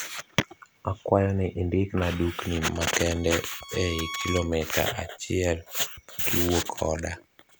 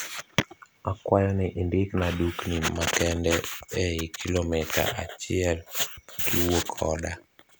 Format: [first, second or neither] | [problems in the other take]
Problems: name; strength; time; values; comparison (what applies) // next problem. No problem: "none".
second | background sound (Bowed string instrument); 14 dB below the speech